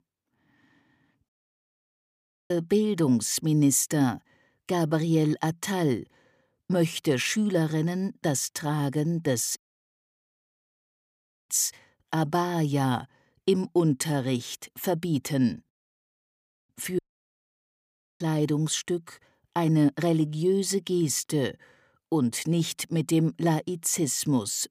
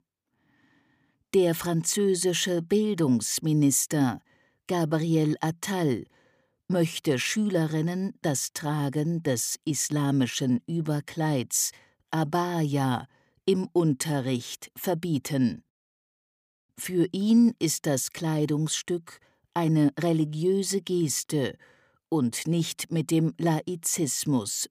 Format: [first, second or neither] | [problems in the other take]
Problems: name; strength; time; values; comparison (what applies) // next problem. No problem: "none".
second | audio cutting out; at 1.5 s for 1 s, at 9.5 s for 2 s and at 17 s for 1 s